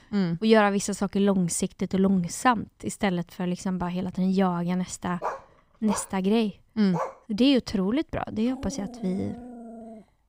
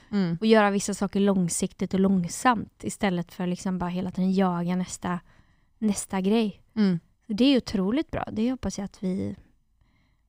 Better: second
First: dog barking; noticeable; from 5 to 7 s; peak 8 dB below the speech // dog barking; faint; from 8.5 s on; peak 15 dB below the speech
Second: none

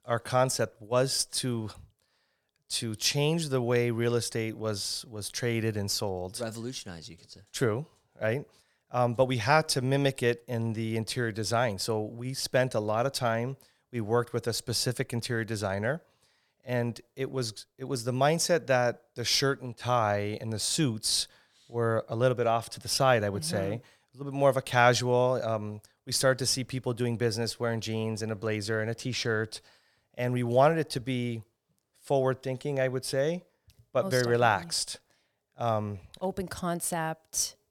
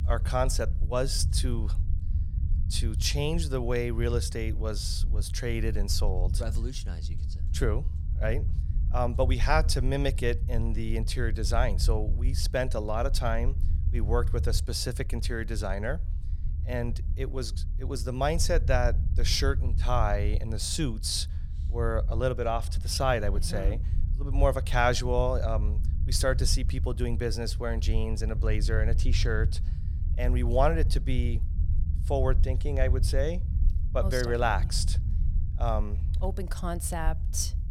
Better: first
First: none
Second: low rumble; noticeable; throughout; 15 dB below the speech

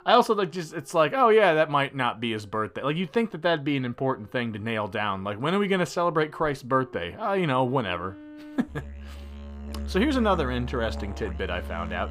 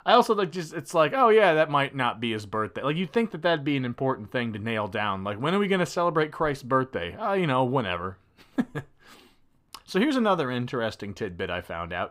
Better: second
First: background music; noticeable; throughout; 10 dB below the speech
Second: none

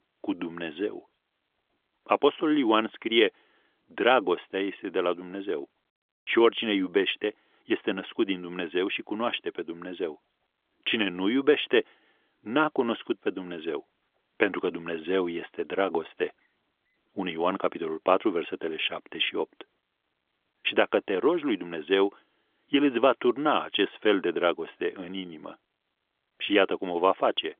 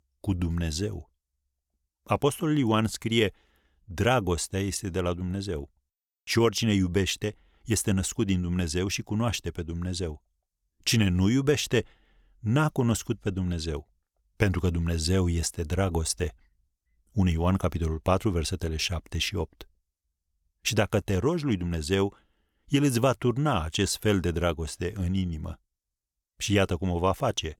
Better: second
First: phone-call audio; nothing above 3.5 kHz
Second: none

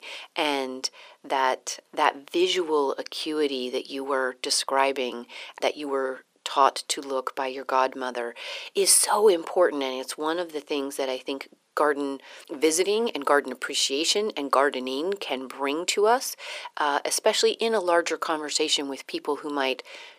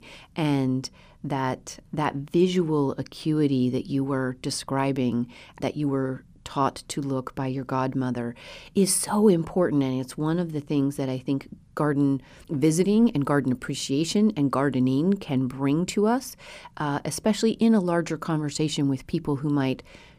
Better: second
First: thin; very; fading below 450 Hz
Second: none

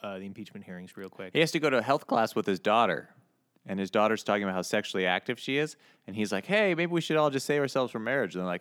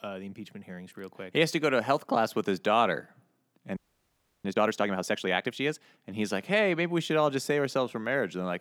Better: first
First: none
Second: audio freezing; at 4 s for 0.5 s

